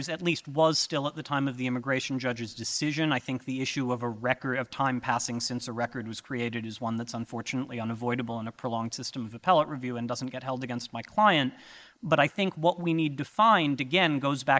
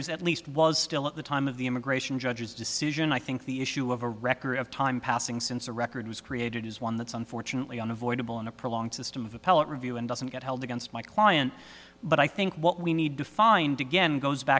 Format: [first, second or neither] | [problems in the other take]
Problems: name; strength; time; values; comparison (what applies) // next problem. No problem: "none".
second | noise reduction (neural mask model Resemble Enhance denoiser)